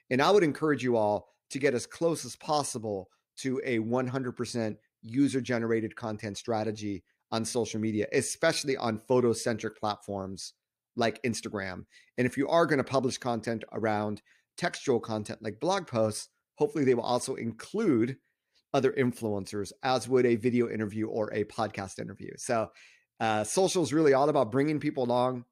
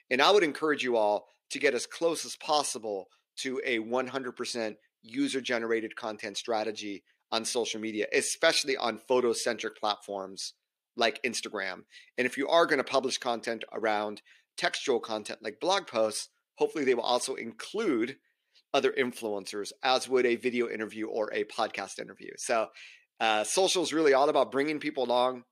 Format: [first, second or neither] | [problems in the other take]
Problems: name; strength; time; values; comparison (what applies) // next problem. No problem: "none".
first | thin; very slightly; fading below 350 Hz